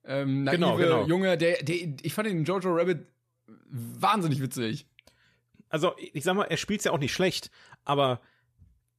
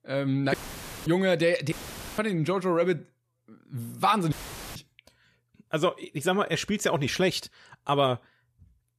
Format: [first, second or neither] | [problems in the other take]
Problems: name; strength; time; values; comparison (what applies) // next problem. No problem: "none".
first | audio cutting out; filled with static; at 0.5 s for 0.5 s, at 1.5 s and at 4.5 s